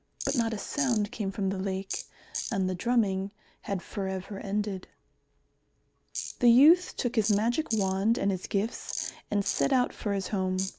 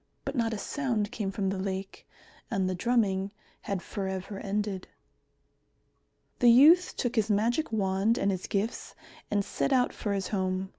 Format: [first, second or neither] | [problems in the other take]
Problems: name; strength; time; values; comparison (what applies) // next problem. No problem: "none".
second | background sound (Tools); 13 dB below the speech